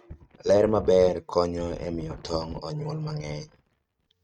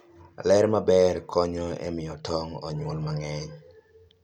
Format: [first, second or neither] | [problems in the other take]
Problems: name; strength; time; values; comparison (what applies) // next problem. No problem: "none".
second | noise reduction (neural mask model RNNoise)